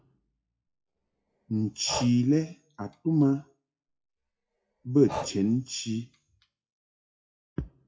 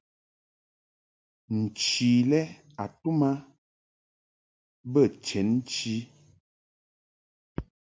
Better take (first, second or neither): second